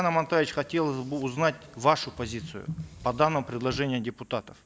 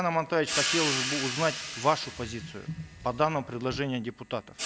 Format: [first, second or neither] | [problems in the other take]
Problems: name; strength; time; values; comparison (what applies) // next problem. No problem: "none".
first | background sound (Cymbal); 5 dB below the speech